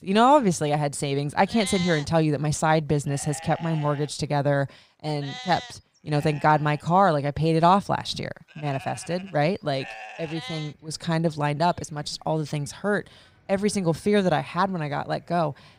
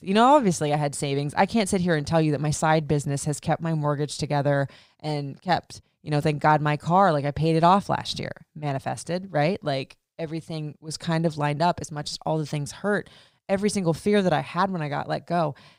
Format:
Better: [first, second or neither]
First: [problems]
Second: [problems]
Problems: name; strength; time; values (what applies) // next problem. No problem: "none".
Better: second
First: animal sounds; noticeable; throughout; 15 dB below the speech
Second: none